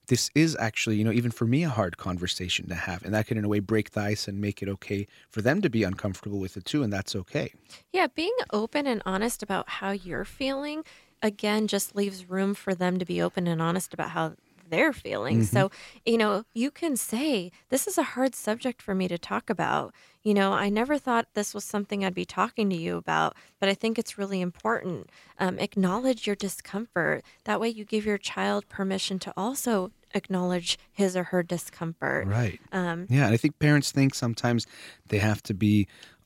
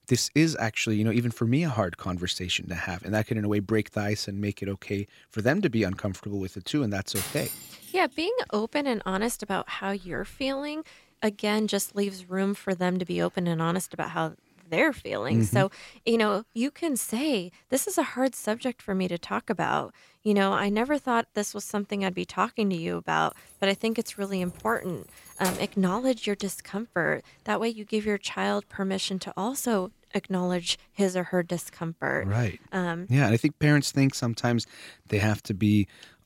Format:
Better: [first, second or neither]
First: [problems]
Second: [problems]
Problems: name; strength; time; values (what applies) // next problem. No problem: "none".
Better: first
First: none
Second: clattering dishes; noticeable; at 7 s; peak 4 dB below the speech // jangling keys; noticeable; from 23 to 26 s; peak 6 dB below the speech